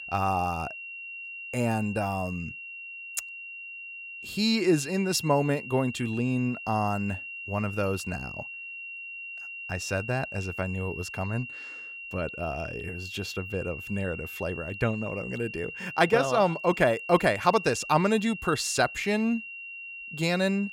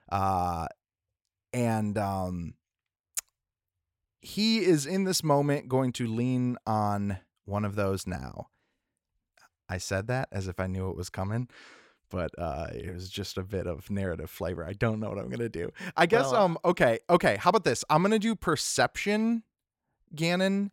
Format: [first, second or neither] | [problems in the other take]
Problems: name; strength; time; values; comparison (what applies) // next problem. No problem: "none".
second | high-pitched whine; loud; throughout; 2.5 kHz, 9 dB below the speech